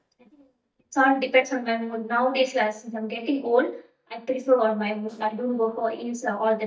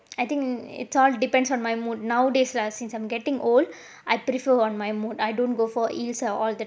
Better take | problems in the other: second | noise reduction (neural mask model DeepFilterNet 3)

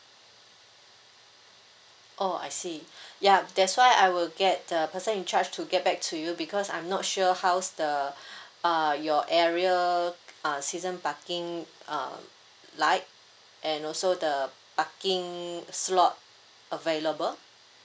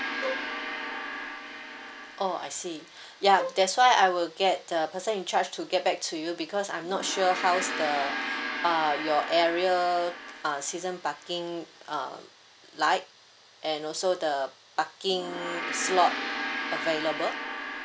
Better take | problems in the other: first | background sound (Bowed string instrument + Gong); 8 dB below the speech

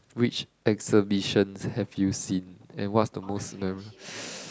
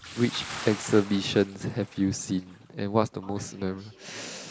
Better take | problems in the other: first | background sound (Bathtub (filling or washing) / Splash, splatter); 15 dB below the speech

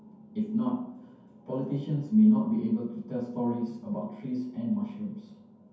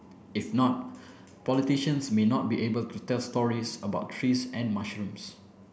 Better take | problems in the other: second | room echo; dies away in 0.6 s

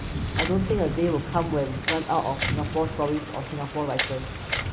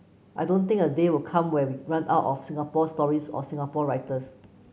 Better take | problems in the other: second | background sound (Camera + Thunder / Rain); 3 dB below the speech

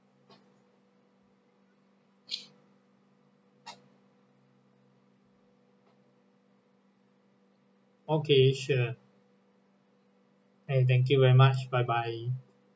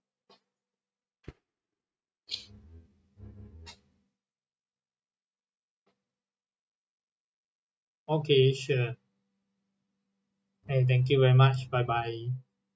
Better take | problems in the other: first | noise reduction (neural mask model RNNoise)

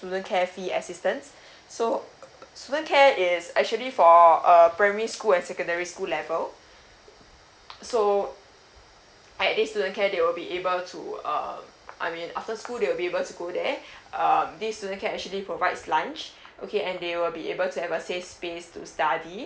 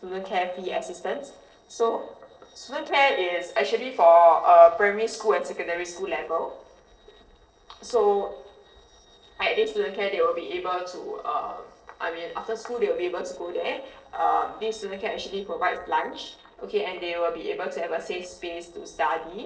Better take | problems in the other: first | noise reduction (neural separator model SepFormer DNS4)

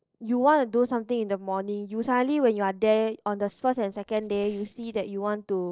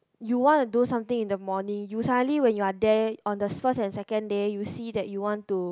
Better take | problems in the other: second | noise reduction (neural separator model SepFormer DNS4)

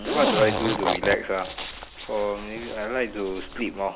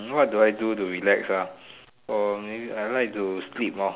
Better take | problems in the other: second | background sound (Zipper (clothing)); 4 dB below the speech

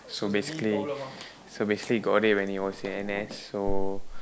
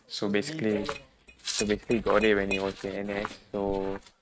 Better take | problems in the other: first | noise reduction (neural mask model RNNoise)

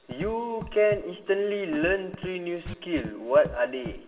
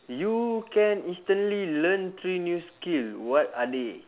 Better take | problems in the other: second | background sound (Scratching (performance technique)); 14 dB below the speech // room echo; dies away in 2.9 s

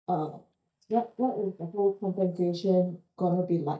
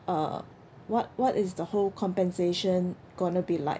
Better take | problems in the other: second | noise reduction (neural mask model DeepFilterNet 3)

